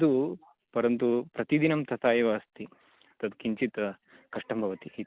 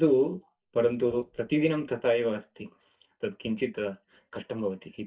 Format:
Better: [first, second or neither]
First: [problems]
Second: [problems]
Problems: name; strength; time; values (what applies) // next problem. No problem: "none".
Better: first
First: none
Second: noise reduction (neural mask model DeepFilterNet 3)